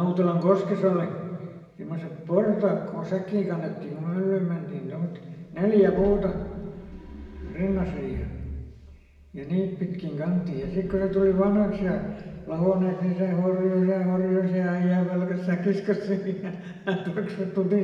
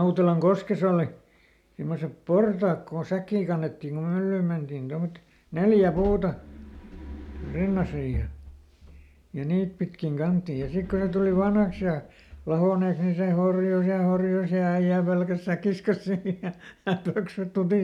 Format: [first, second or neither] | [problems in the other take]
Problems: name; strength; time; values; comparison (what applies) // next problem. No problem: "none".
second | room echo; dies away in 1.5 s